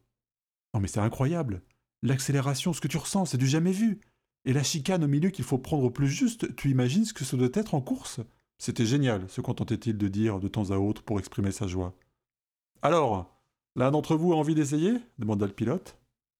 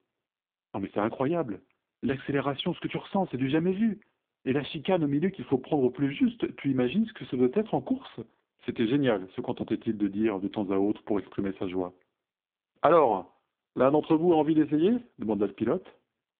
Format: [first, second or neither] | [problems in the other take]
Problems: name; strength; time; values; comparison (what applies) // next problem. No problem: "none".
first | phone-call audio; poor line; nothing above 3.5 kHz